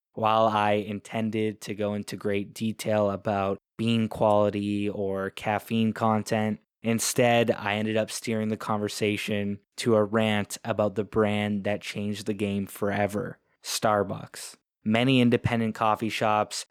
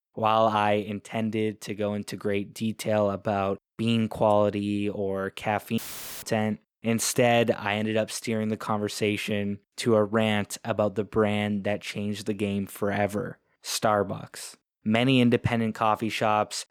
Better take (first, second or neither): first